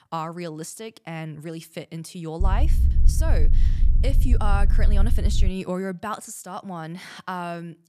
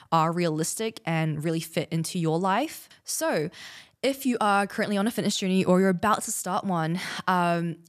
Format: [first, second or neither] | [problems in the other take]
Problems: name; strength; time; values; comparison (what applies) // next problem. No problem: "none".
second | low rumble; loud; from 2.5 to 5.5 s; 10 dB below the speech